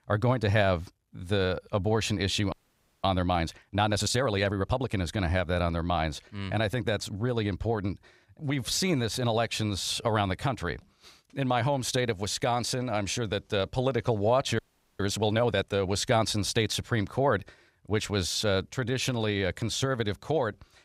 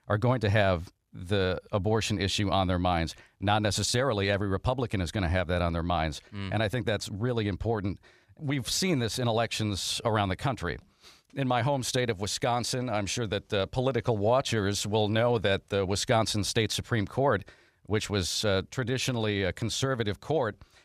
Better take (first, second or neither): second